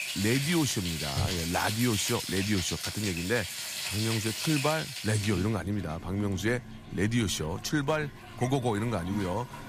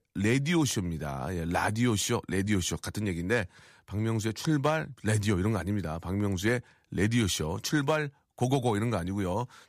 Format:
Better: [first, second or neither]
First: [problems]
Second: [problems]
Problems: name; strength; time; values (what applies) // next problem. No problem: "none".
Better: second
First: household noises; loud; throughout; 4 dB below the speech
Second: none